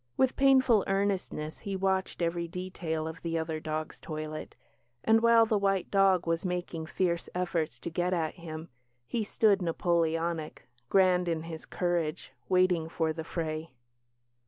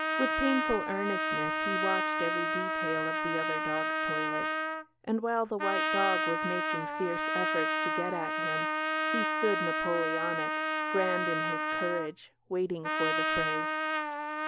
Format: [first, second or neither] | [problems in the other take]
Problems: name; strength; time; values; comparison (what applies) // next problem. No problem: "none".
first | background sound (Trumpet); 4 dB above the speech